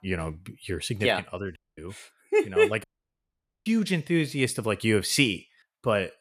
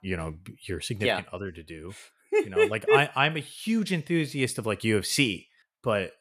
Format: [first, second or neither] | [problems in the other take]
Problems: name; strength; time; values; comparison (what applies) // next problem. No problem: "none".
second | audio cutting out; at 1.5 s and at 3 s for 1 s